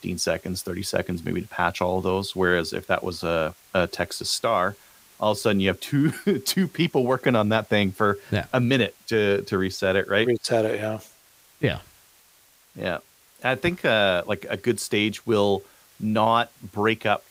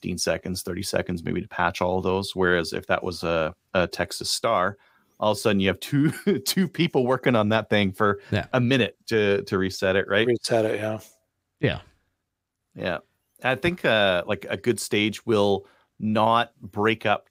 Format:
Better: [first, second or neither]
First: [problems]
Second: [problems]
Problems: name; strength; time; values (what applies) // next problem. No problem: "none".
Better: second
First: hiss; faint; throughout; 30 dB below the speech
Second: none